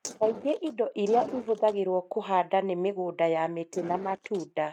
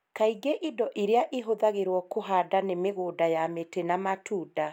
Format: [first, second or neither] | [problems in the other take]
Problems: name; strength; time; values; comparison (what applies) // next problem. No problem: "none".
second | noise reduction (neural mask model RNNoise)